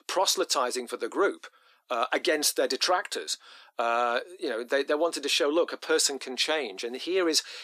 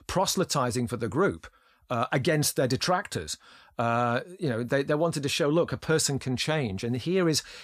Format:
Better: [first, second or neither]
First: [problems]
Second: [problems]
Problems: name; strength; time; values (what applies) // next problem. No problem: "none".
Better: second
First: thin; somewhat; fading below 300 Hz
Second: none